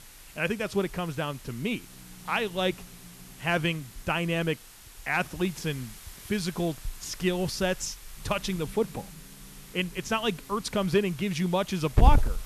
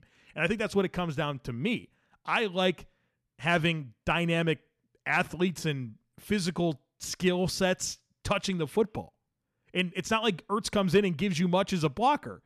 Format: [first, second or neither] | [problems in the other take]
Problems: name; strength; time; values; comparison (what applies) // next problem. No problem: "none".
second | hiss; loud; throughout; 7 dB below the speech